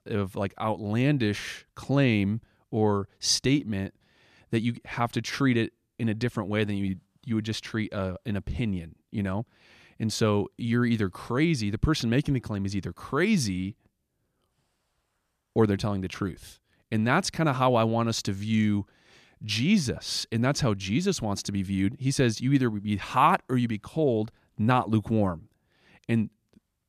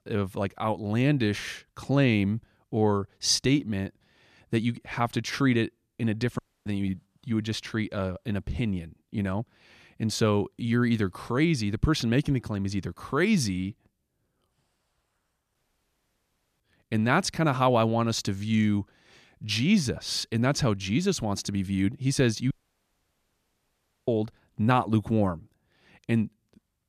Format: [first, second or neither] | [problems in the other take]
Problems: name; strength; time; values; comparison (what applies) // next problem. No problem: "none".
first | audio cutting out; at 6.5 s, at 16 s for 1 s and at 23 s for 1.5 s